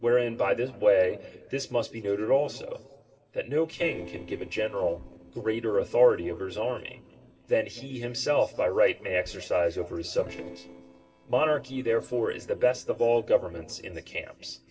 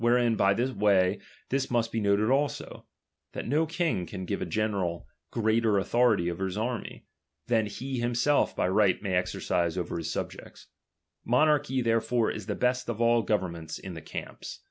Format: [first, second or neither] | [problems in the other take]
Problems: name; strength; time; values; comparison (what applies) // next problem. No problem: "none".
second | noise reduction (neural separator model SepFormer DNS4)